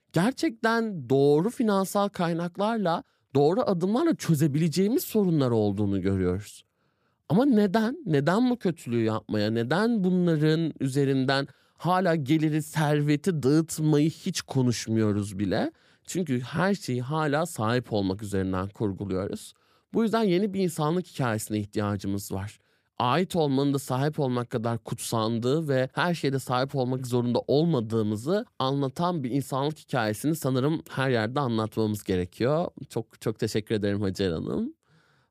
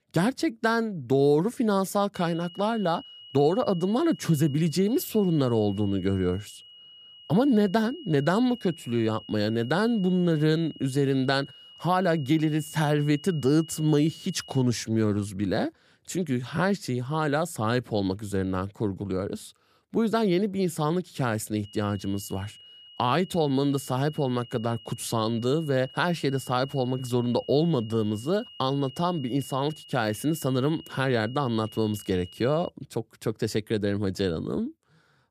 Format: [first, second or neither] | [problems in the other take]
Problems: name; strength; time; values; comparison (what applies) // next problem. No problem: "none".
first | high-pitched whine; noticeable; from 2 to 15 s and from 22 to 33 s; 3 kHz, 20 dB below the speech